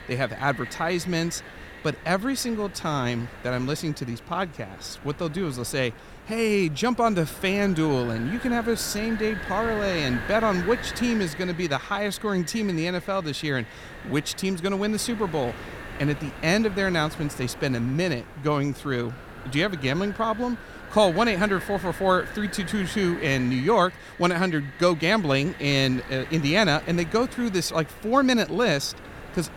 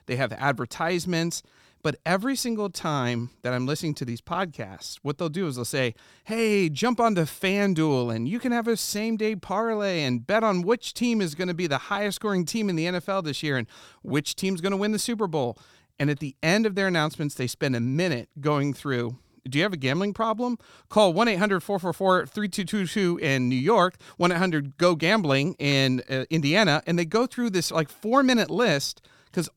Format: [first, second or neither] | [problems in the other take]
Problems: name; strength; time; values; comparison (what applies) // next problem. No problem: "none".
second | wind noise on the microphone; occasional gusts; 10 dB below the speech